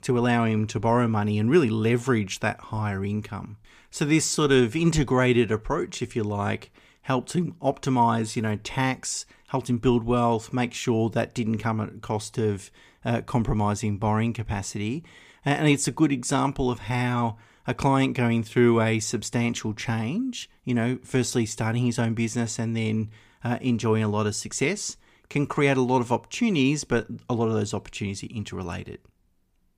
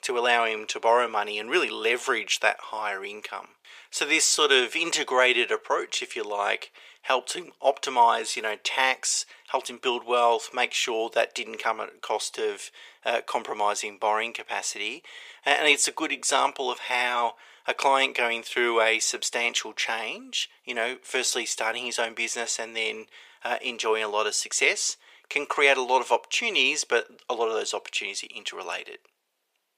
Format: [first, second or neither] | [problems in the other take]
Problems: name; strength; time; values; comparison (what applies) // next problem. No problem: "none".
first | thin; very; fading below 500 Hz